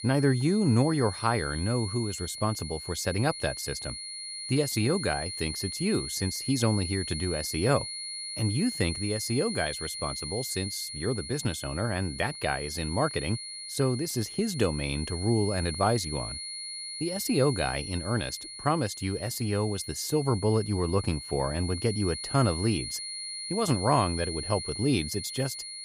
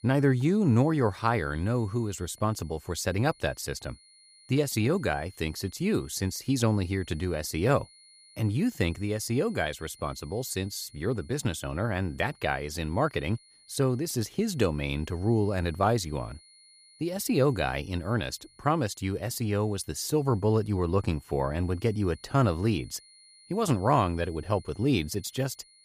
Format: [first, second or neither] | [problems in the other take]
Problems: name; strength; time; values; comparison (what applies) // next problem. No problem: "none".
second | high-pitched whine; loud; throughout; 4.5 kHz, 7 dB below the speech; faint in the second